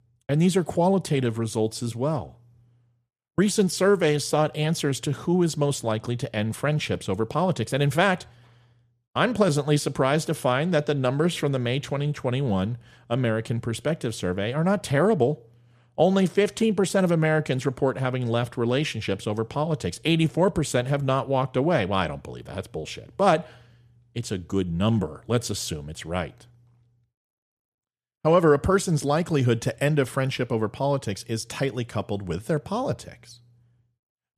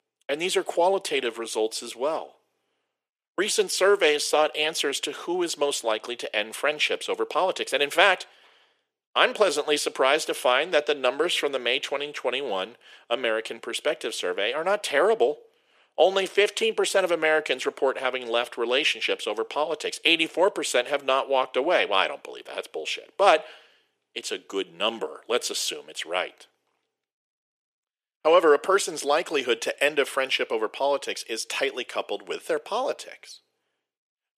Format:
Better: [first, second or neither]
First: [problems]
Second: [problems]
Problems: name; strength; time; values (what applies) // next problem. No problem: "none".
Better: first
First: none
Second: thin; very; fading below 400 Hz